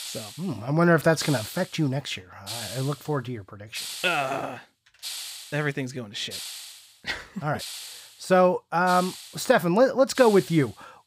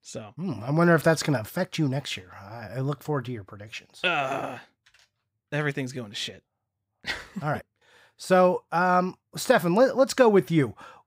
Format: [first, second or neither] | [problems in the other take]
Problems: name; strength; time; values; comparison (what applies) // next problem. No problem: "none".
second | hiss; noticeable; throughout; 10 dB below the speech